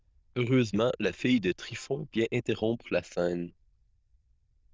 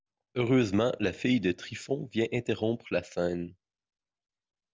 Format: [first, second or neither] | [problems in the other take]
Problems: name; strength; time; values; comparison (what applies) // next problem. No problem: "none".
second | noise reduction (neural diffusion model UNIVERSE++)